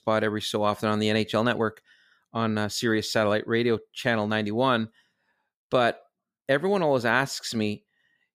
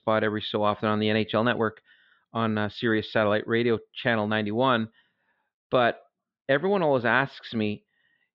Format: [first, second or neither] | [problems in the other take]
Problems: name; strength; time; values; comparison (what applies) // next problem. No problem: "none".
first | muffled; slightly; fading above 3.5 kHz